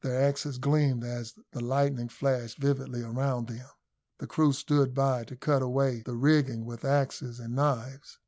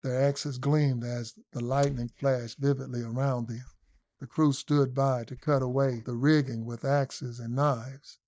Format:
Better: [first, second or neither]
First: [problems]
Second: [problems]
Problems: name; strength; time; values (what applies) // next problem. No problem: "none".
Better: first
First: none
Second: noise reduction (neural mask model DeepFilterNet 3)